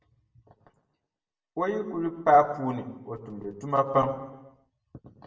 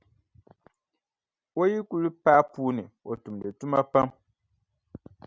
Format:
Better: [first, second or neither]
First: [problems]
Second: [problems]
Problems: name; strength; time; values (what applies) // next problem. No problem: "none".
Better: second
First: room echo; dies away in 0.9 s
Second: none